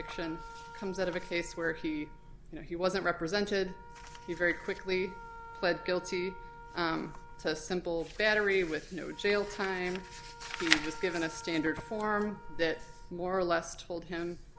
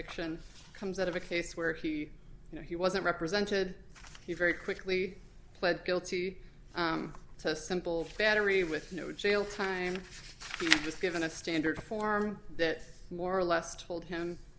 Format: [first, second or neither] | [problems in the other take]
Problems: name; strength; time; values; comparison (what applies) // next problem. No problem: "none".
second | background sound (Wind instrument, woodwind instrument); 17 dB below the speech